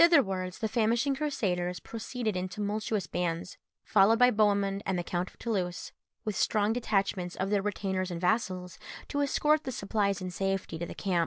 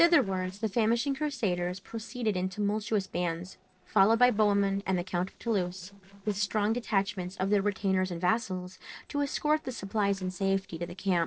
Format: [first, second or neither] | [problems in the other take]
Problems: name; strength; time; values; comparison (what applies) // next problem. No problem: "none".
first | noise reduction (neural separator model SepFormer DNS4)